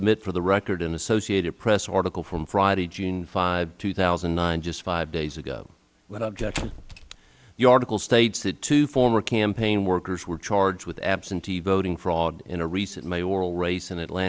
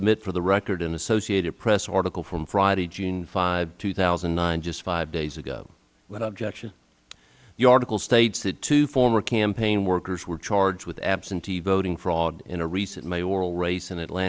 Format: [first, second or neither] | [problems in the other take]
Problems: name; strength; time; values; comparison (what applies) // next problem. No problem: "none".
second | background sound (Squeak / Slam / Wood); 11 dB below the speech